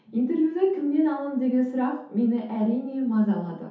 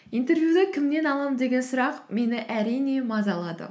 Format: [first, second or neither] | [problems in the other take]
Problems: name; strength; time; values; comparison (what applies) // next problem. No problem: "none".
second | room echo; dies away in 0.5 s